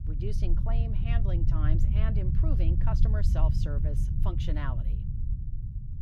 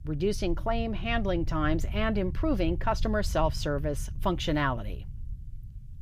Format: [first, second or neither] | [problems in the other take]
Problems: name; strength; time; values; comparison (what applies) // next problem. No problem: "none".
second | low rumble; loud; throughout; 3 dB below the speech; faint in the second